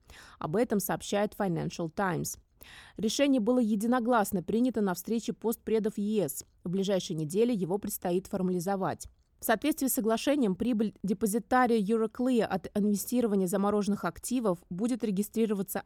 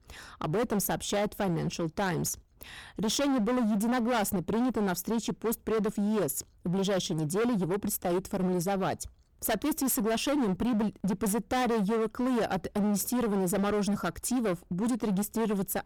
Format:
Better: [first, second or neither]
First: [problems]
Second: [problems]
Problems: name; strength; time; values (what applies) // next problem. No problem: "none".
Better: first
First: none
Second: distortion; heavy; 24% of the sound clipped